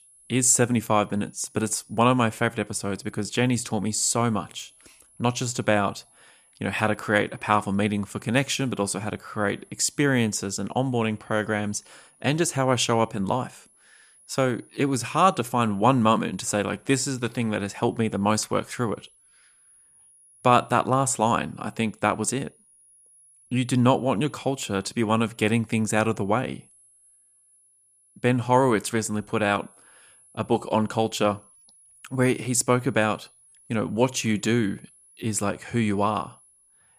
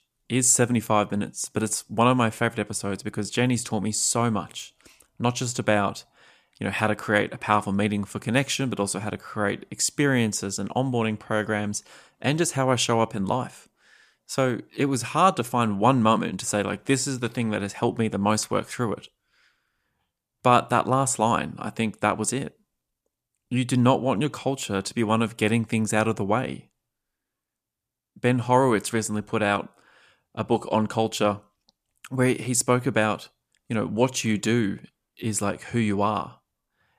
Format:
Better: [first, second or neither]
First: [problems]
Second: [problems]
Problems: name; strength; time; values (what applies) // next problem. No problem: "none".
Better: second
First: high-pitched whine; faint; throughout; 10.5 kHz, 30 dB below the speech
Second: none